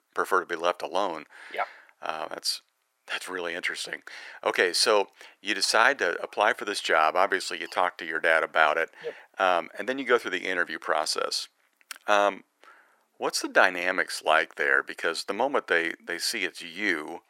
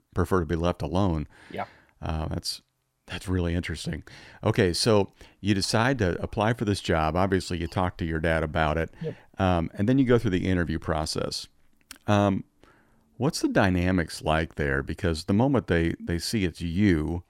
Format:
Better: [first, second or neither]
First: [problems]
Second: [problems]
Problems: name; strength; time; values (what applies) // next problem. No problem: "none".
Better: second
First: thin; very; fading below 500 Hz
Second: none